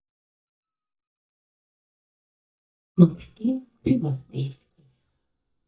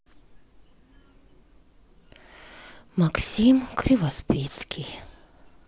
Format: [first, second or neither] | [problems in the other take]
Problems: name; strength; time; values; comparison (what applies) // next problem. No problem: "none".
second | noise reduction (neural mask model DeepFilterNet 3)